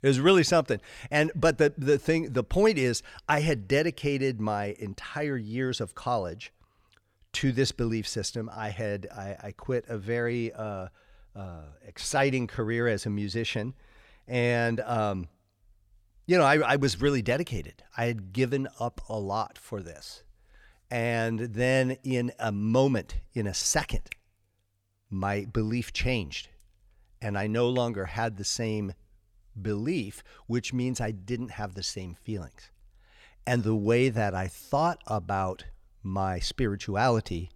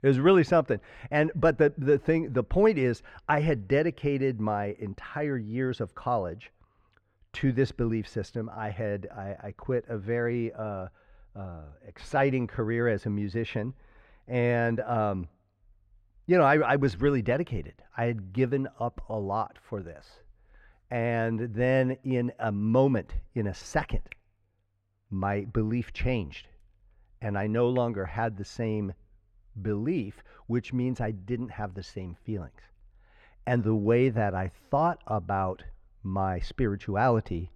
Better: first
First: none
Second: muffled; very; fading above 3.5 kHz

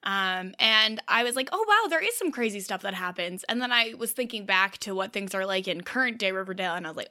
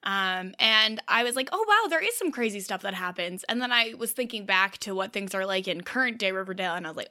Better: neither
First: none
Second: none

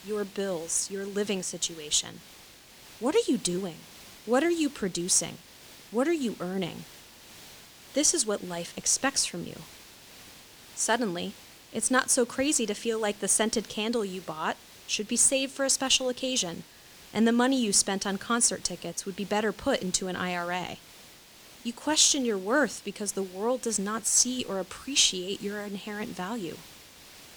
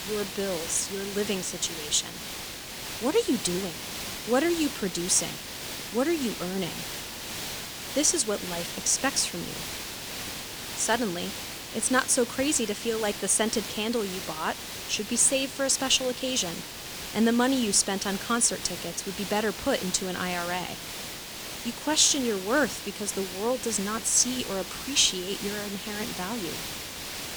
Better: first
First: hiss; faint; throughout; 20 dB below the speech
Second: hiss; loud; throughout; 8 dB below the speech

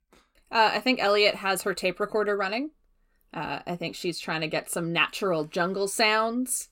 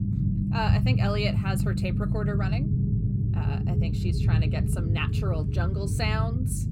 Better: first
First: none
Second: low rumble; loud; throughout; 4 dB below the speech

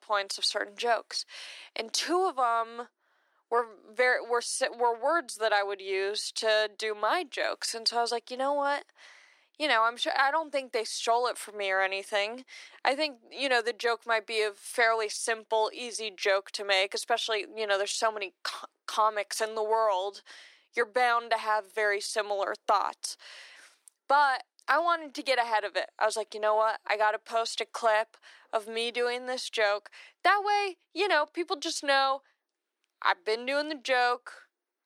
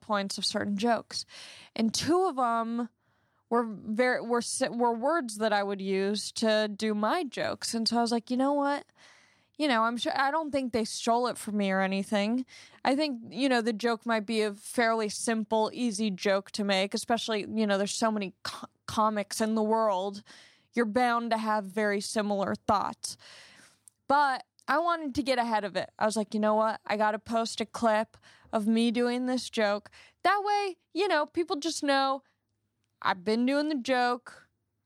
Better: second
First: thin; very; fading below 350 Hz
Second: none

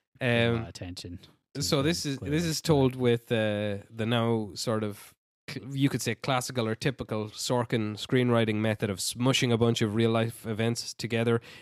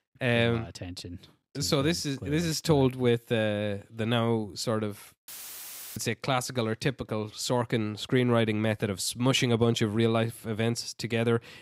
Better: first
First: none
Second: audio cutting out; filled with static; at 5.5 s for 0.5 s

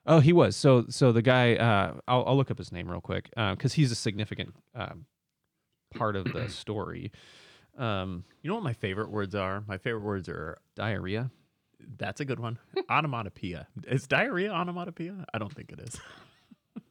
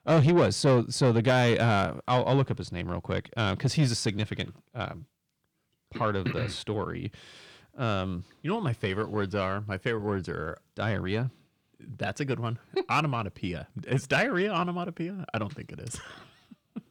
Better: first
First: none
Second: distortion; slight; 10 dB below the speech

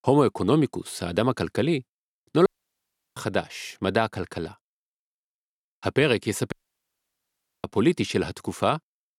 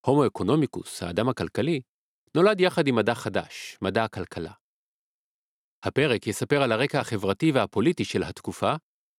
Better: second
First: audio cutting out; at 2.5 s for 0.5 s and at 6.5 s for 1 s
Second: none

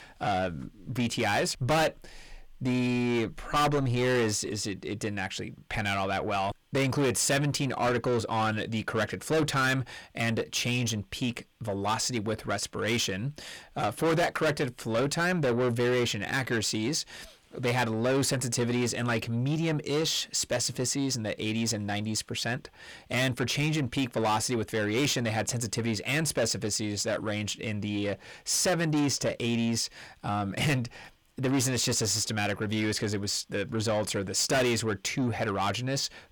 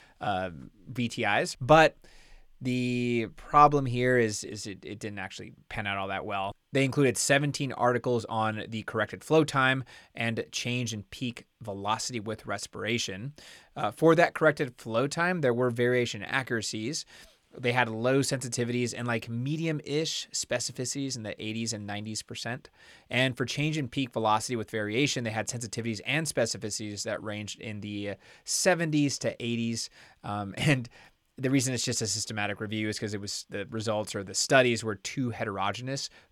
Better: second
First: distortion; heavy; 6 dB below the speech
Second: none

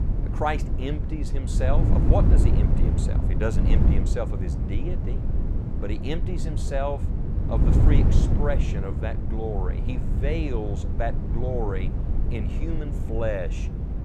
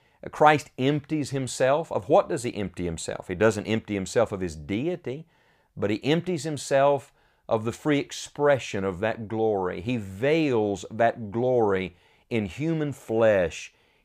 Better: second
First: wind noise on the microphone; heavy; 4 dB below the speech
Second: none

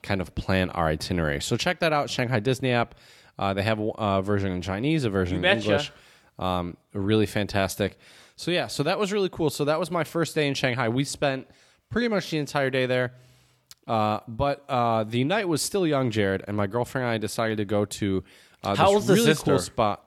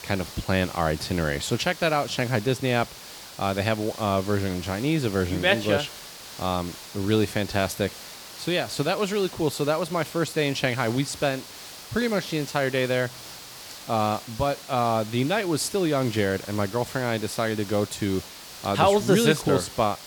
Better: first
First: none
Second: hiss; noticeable; throughout; 15 dB below the speech

